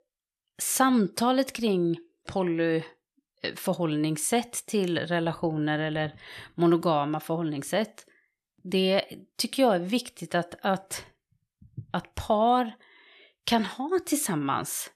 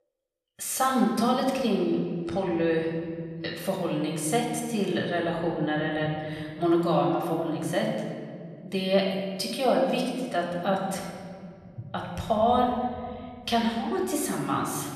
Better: first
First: none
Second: off-mic speech; somewhat distant // room echo; noticeable; dies away in 2.7 s

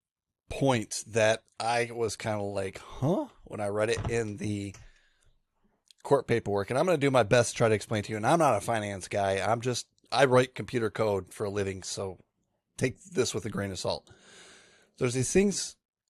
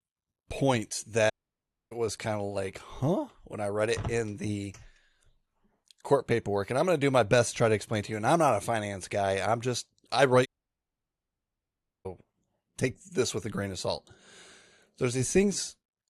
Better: first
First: none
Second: audio cutting out; at 1.5 s for 0.5 s and at 10 s for 1.5 s

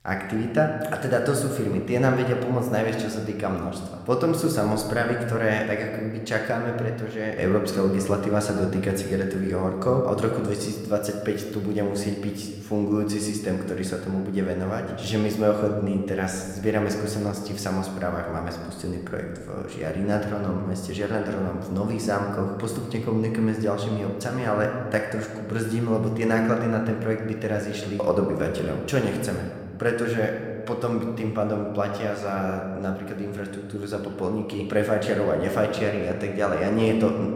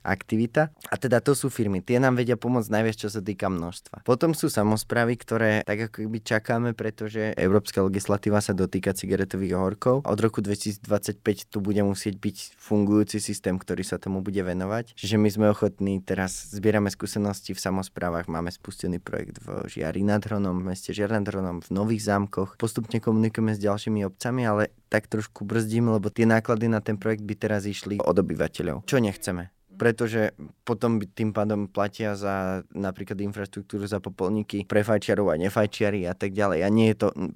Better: second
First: room echo; slight; dies away in 1.3 s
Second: none

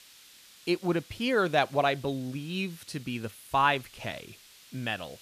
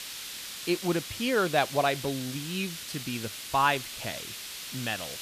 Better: first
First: hiss; faint; throughout; 20 dB below the speech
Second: hiss; loud; throughout; 7 dB below the speech

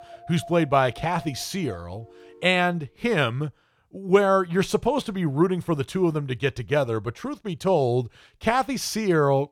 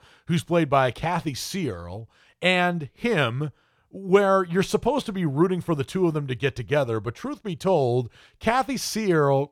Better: second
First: background music; faint; until 2.5 s; 20 dB below the speech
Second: none

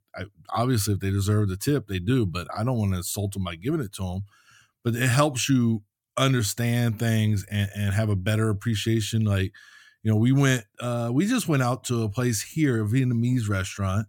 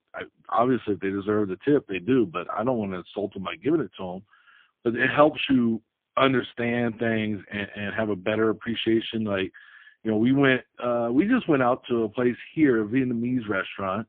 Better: first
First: none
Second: phone-call audio; poor line; nothing above 3.5 kHz

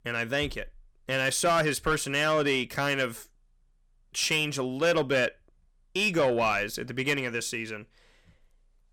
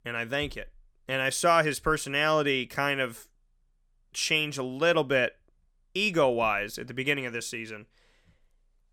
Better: second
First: distortion; slight; 10 dB below the speech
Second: none

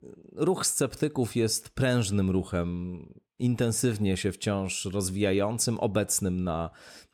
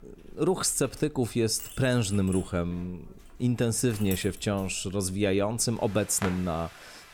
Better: first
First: none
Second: household noises; noticeable; throughout; 15 dB below the speech

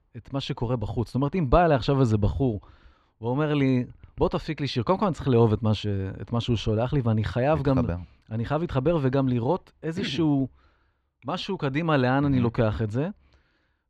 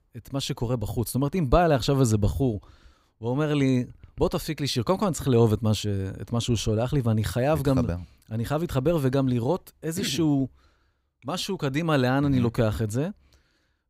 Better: second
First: muffled; slightly; fading above 3 kHz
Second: none

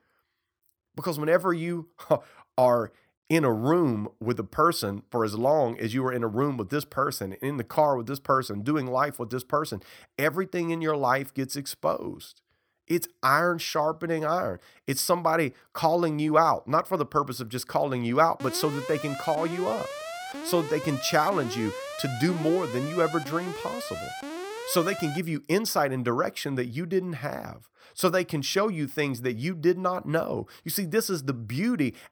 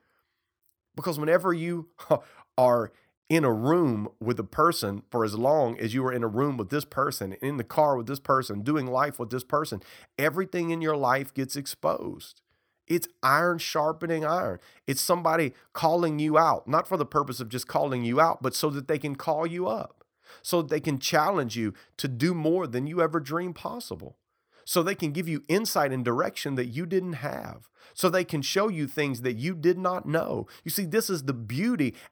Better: second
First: alarm; noticeable; from 18 to 25 s; peak 9 dB below the speech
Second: none

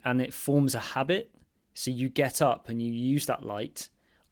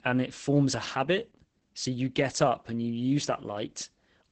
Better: first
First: garbled, watery; slightly; nothing above 18.5 kHz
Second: garbled, watery; badly; nothing above 8 kHz

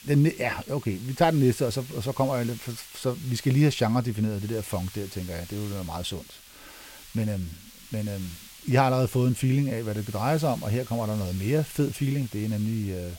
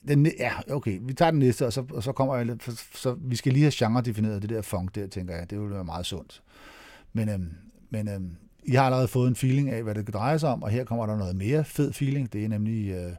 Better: second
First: hiss; noticeable; throughout; 15 dB below the speech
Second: none

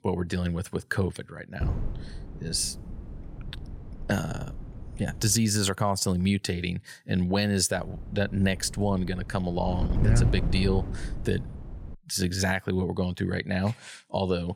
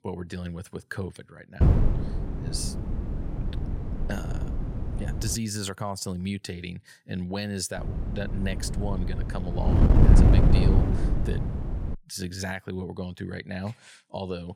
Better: first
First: wind noise on the microphone; occasional gusts; from 1.5 to 5.5 s and from 8 to 12 s; 15 dB below the speech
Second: wind noise on the microphone; heavy; from 1.5 to 5.5 s and from 8 to 12 s; as loud as the speech

